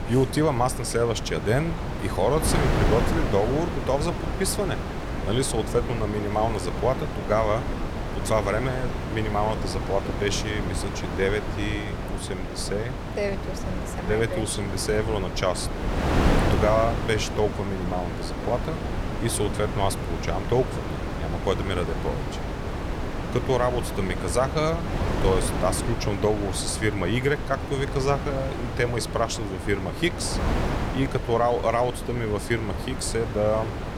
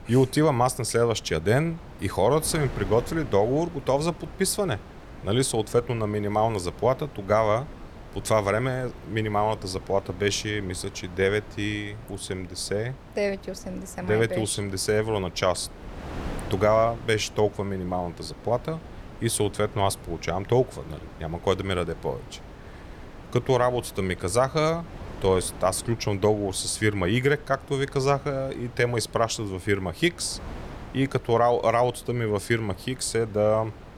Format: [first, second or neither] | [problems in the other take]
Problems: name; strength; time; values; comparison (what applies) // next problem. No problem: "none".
second | wind noise on the microphone; heavy; 6 dB below the speech; occasional gusts in the second